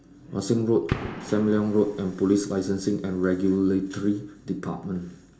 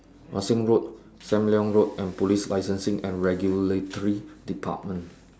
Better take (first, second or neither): second